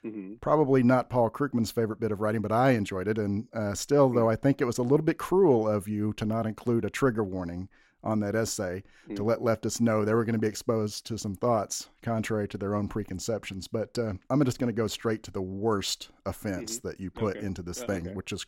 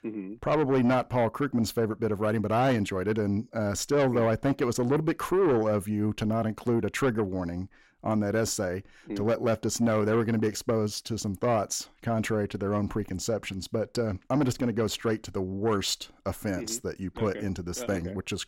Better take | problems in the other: first | distortion; slight; 10 dB below the speech

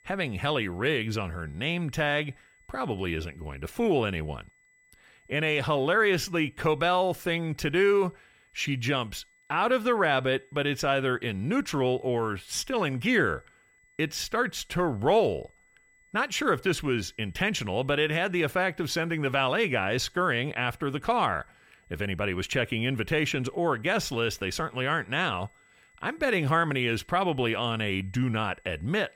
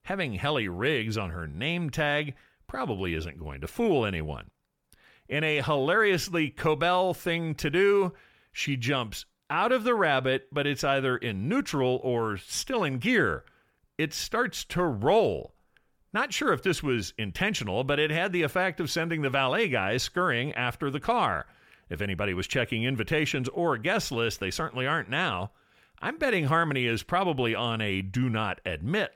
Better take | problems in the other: second | high-pitched whine; faint; throughout; 2 kHz, 35 dB below the speech

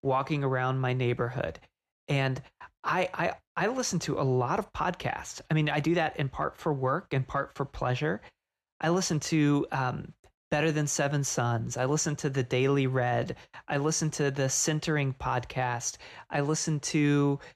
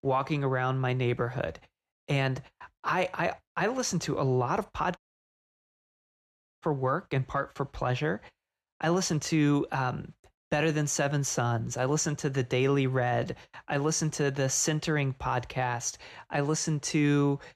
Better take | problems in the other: first | audio cutting out; at 5 s for 1.5 s

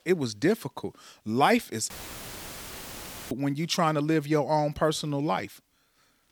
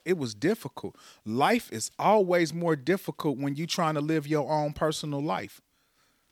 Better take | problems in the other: second | audio cutting out; filled with static; at 2 s for 1.5 s

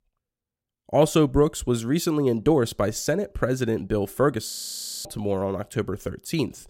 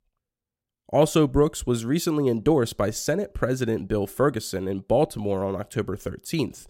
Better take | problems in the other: second | audio freezing; at 4.5 s for 0.5 s

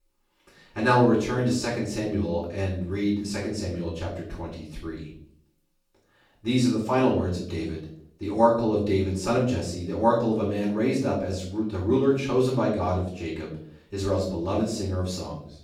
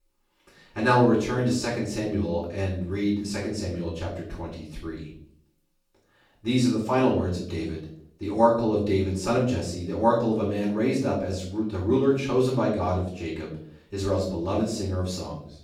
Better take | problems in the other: neither | off-mic speech; far; the same in both // room echo; noticeable; dies away in 0.5 s; the same in both

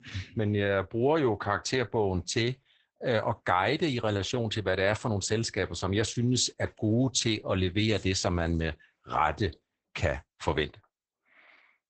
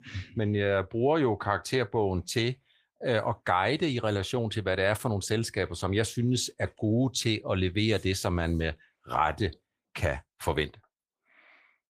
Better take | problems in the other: second | garbled, watery; badly; nothing above 8 kHz; slightly in the second

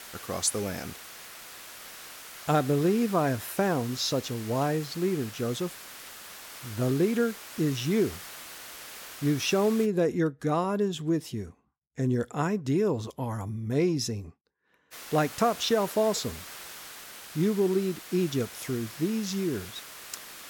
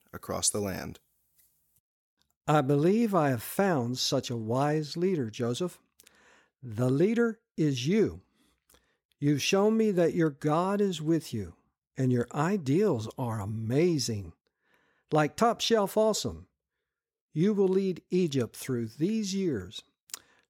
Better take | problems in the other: second | hiss; noticeable; until 10 s and from 15 s on; 15 dB below the speech

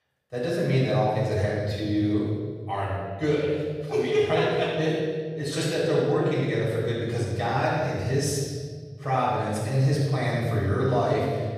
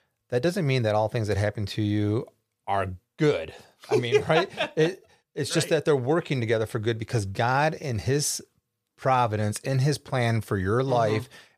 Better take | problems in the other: second | room echo; strong; dies away in 1.5 s // off-mic speech; far

